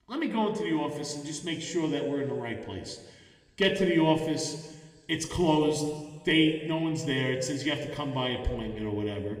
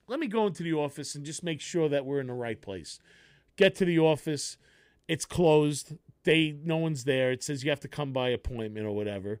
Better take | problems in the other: second | room echo; slight; dies away in 1.5 s // off-mic speech; somewhat distant

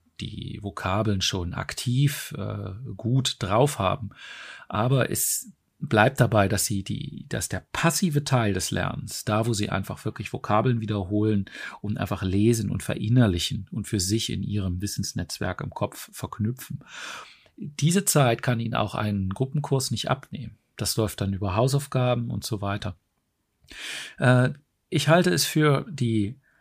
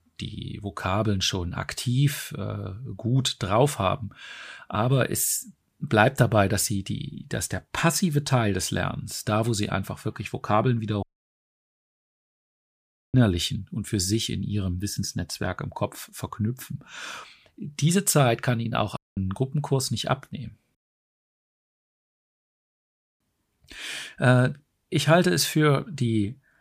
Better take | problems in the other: first | audio cutting out; at 11 s for 2 s, at 19 s and at 21 s for 2.5 s

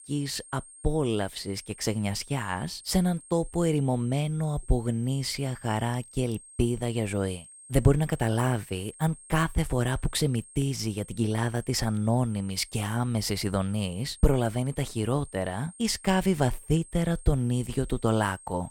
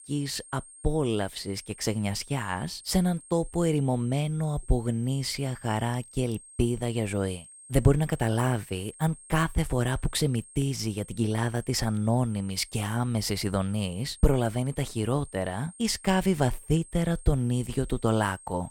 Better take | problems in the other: neither | high-pitched whine; noticeable; throughout; 8.5 kHz, 20 dB below the speech; the same in both

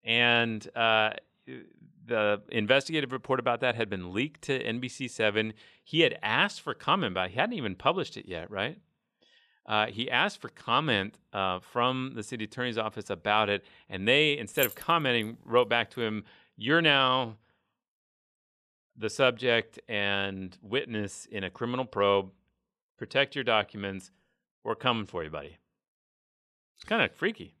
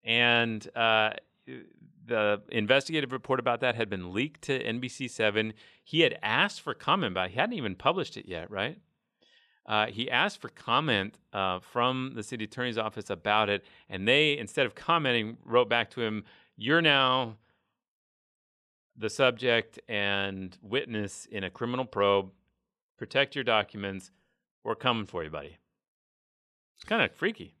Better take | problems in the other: second | jangling keys; noticeable; at 15 s; peak 5 dB below the speech

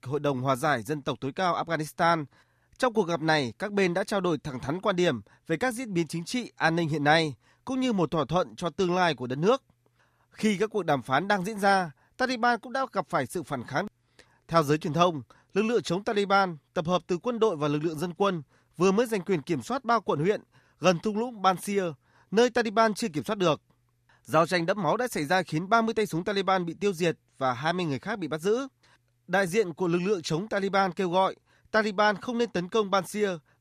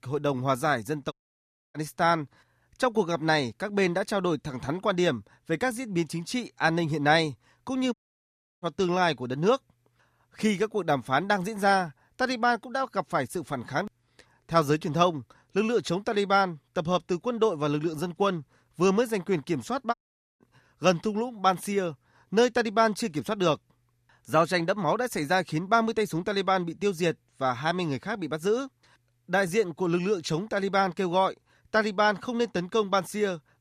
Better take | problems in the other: first | audio cutting out; at 1 s for 0.5 s, at 8 s for 0.5 s and at 20 s

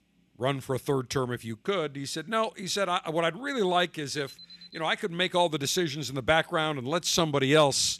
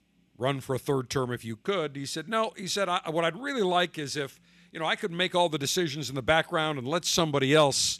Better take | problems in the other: second | alarm; faint; at 4 s; peak 20 dB below the speech

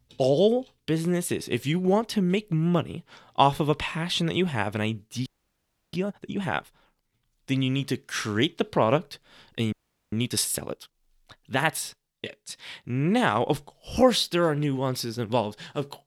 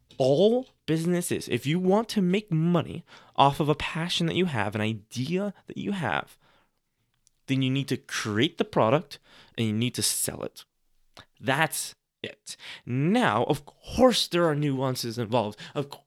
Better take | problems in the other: second | audio freezing; at 5.5 s for 0.5 s and at 9.5 s

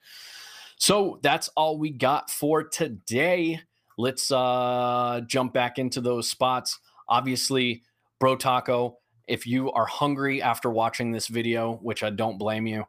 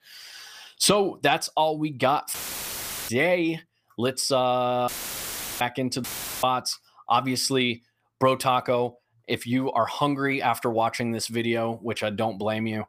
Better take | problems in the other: first | audio cutting out; filled with static; at 2.5 s for 1 s, at 5 s for 0.5 s and at 6 s

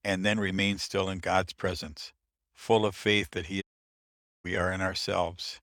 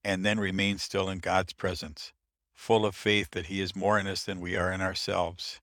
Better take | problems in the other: second | audio cutting out; at 3.5 s for 1 s

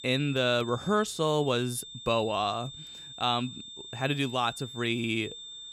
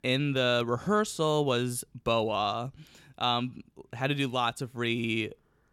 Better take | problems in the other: second | high-pitched whine; noticeable; throughout; 3.5 kHz, 15 dB below the speech

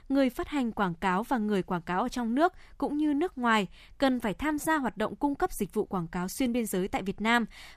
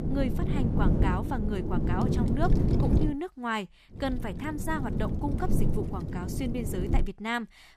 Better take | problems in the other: first | wind noise on the microphone; heavy; until 3 s and from 4 to 7 s; 3 dB below the speech

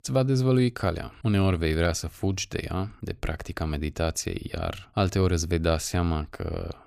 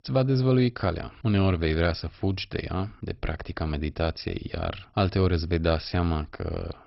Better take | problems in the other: first | garbled, watery; badly; nothing above 5.5 kHz

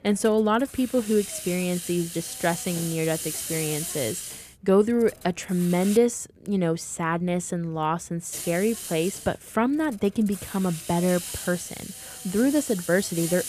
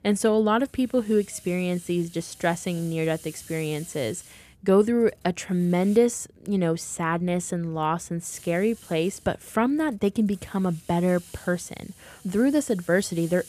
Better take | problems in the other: second | hiss; loud; until 6 s and from 8.5 s on; 8 dB below the speech; faint in the second

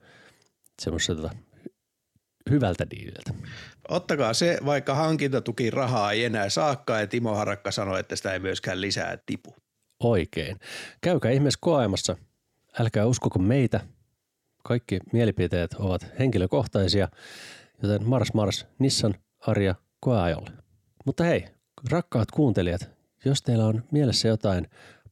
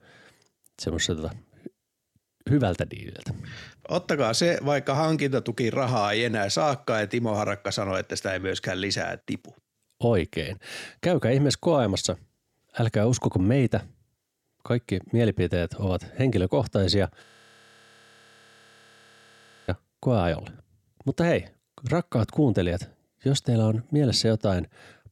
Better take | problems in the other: first | audio freezing; at 17 s for 2.5 s

